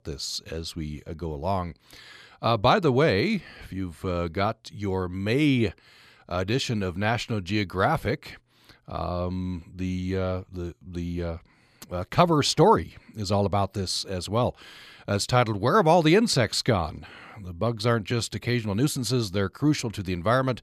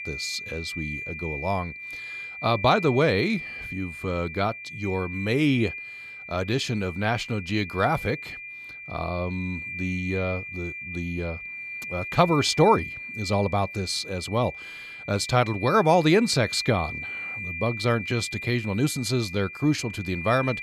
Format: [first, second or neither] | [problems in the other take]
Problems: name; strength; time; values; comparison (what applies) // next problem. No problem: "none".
first | high-pitched whine; loud; throughout; 2.5 kHz, 9 dB below the speech